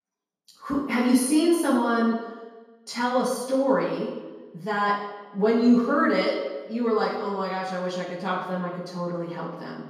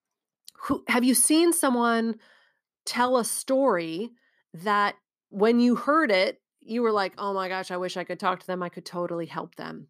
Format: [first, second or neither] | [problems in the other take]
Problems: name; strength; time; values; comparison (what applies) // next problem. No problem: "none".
second | room echo; noticeable; dies away in 1.1 s // off-mic speech; far